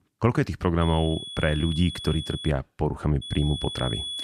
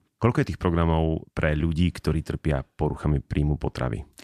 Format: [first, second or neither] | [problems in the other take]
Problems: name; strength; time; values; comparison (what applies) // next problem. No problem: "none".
second | high-pitched whine; loud; from 1 to 2.5 s and from 3 s on; 3.5 kHz, 8 dB below the speech